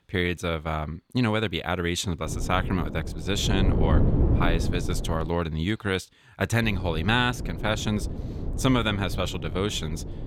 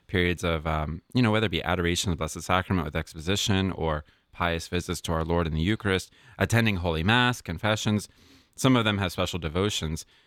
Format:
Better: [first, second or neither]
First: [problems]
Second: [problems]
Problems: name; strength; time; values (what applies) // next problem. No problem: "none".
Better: second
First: wind noise on the microphone; heavy; from 2.5 to 5.5 s and from 6.5 s on; 10 dB below the speech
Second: none